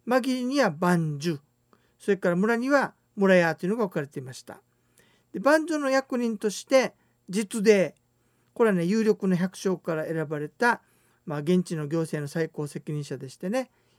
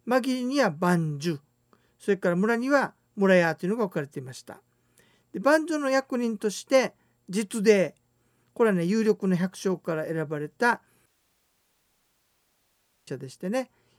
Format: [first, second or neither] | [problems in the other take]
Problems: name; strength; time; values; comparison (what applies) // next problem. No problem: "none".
first | audio cutting out; at 11 s for 2 s